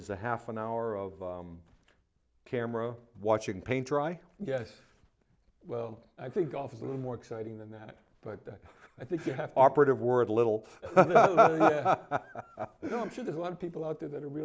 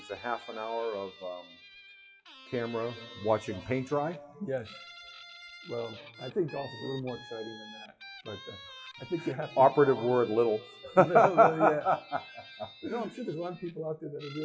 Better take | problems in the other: first | noise reduction (classical method WPE with log-MMSE)

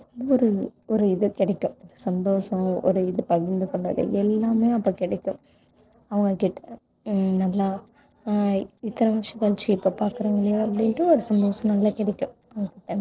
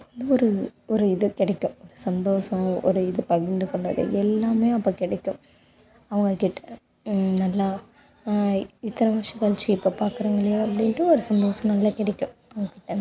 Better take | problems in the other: second | noise reduction (neural separator model SepFormer DNS4)

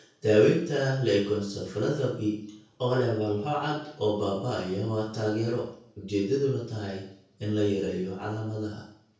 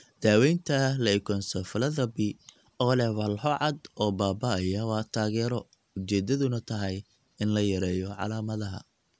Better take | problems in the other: second | room echo; dies away in 0.6 s

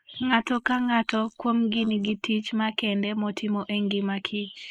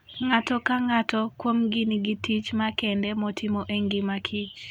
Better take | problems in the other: second | noise reduction (neural mask model Resemble Enhance denoiser)

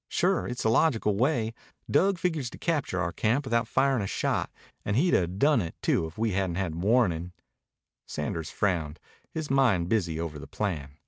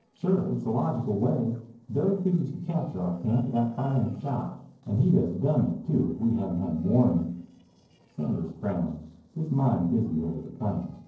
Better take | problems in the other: first | noise reduction (neural separator model SepFormer DNS4)

